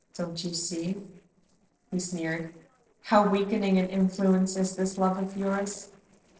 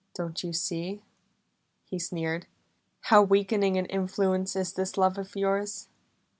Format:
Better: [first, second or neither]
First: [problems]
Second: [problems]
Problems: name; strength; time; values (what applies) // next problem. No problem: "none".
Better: second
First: noise reduction (neural separator model SepFormer DNS4)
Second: none